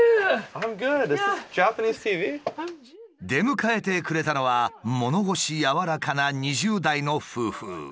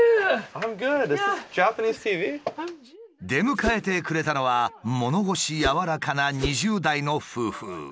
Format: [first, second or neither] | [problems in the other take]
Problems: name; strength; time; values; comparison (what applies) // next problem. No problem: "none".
first | background sound (Whoosh, swoosh, swish); 7 dB below the speech